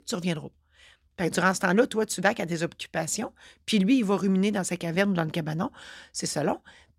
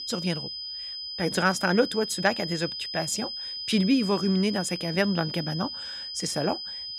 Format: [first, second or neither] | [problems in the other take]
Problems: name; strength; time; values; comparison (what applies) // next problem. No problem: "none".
first | high-pitched whine; loud; throughout; 5 kHz, 6 dB below the speech